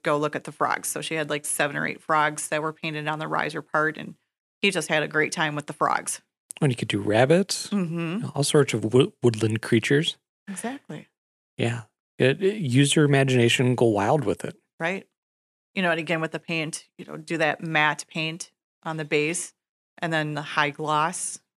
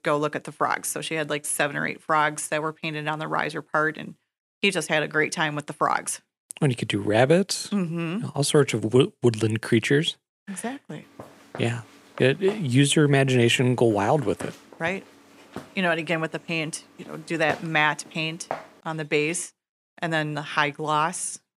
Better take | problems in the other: first | footsteps; faint; from 11 to 19 s; peak 10 dB below the speech

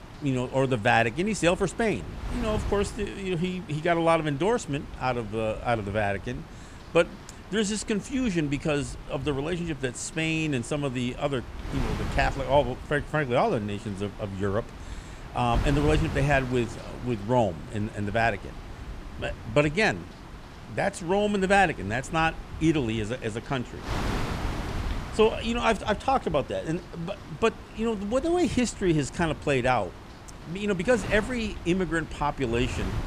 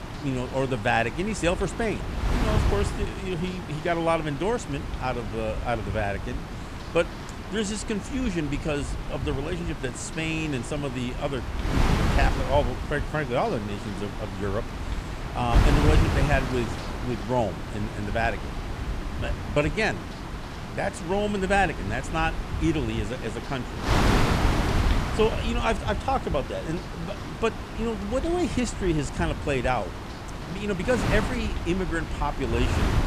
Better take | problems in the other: first | wind noise on the microphone; heavy; 5 dB below the speech; occasional gusts in the first

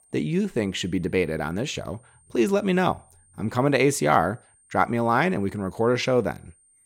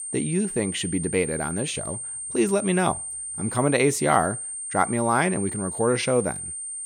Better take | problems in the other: first | high-pitched whine; loud; throughout; 8.5 kHz, 6 dB below the speech; faint in the first

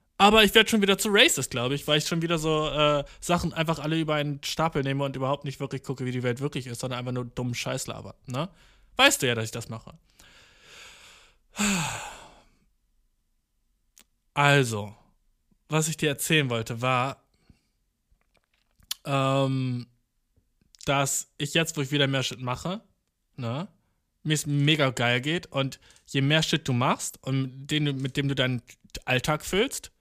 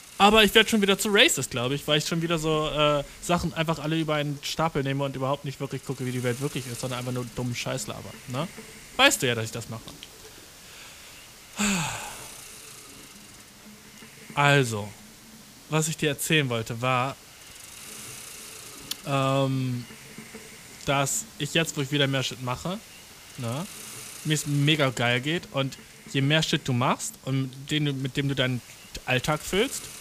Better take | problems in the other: first | hiss; noticeable; throughout; 20 dB below the speech

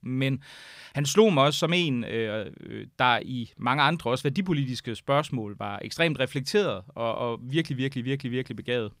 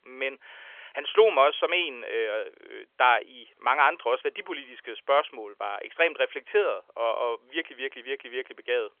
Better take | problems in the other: first | phone-call audio; nothing above 3.5 kHz

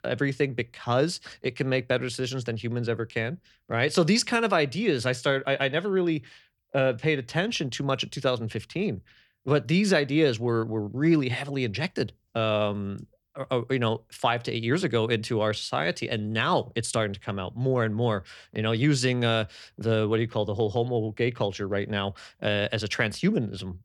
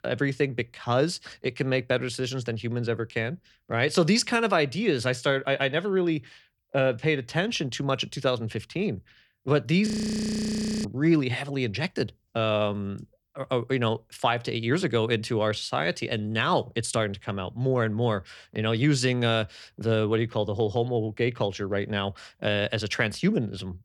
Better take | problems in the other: first | audio freezing; at 10 s for 1 s

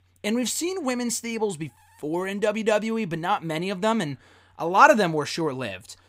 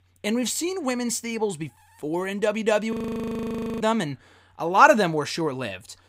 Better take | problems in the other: first | audio freezing; at 3 s for 1 s

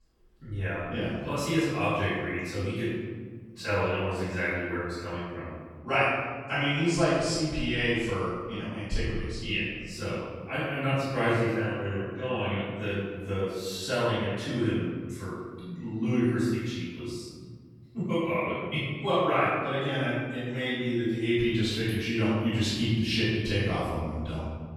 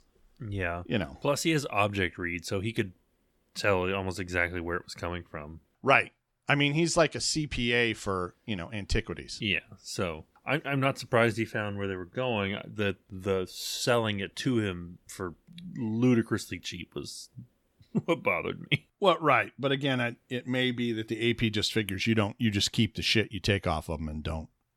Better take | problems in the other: second | off-mic speech; far // room echo; strong; dies away in 1.5 s

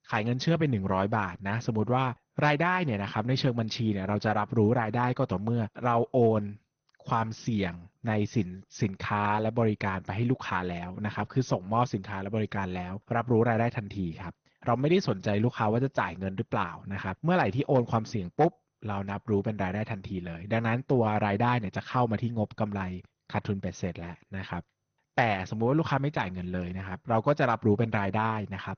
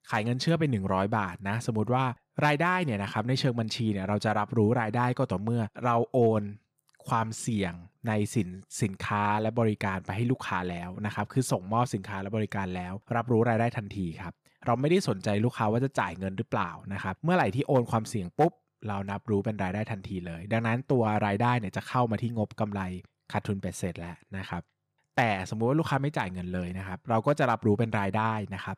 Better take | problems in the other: second | garbled, watery; slightly; nothing above 6.5 kHz

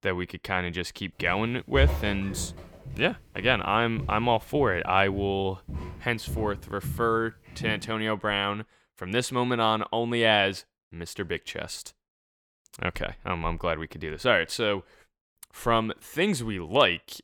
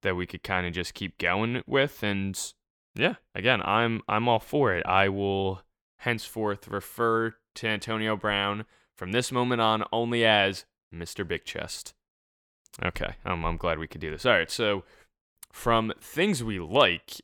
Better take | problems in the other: second | footsteps; loud; from 1.5 to 8 s; peak 1 dB above the speech

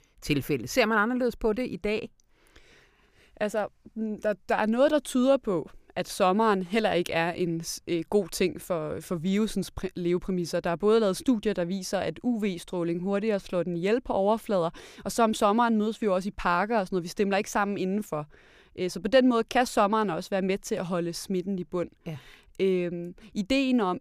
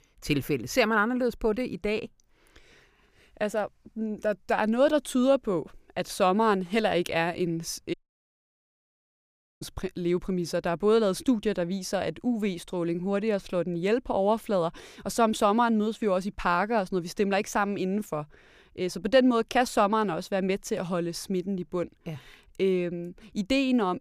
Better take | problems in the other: first | audio cutting out; at 8 s for 1.5 s

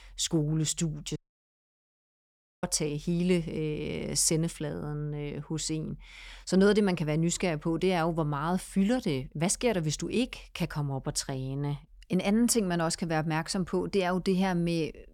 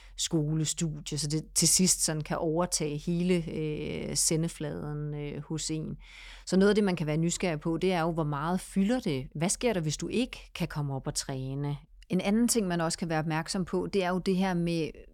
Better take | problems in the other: second | audio cutting out; at 1 s for 1.5 s

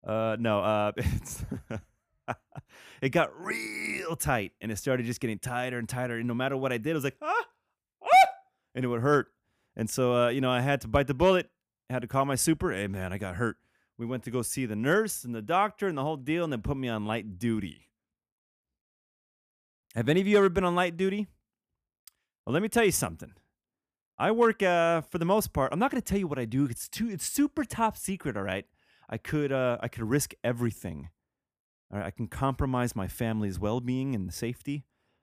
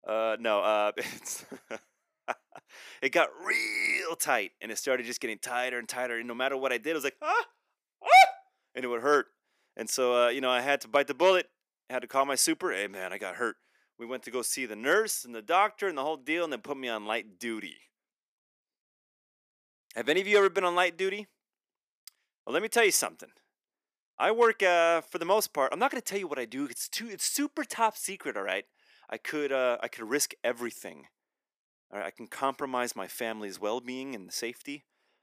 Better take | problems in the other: first | thin; somewhat; fading below 350 Hz

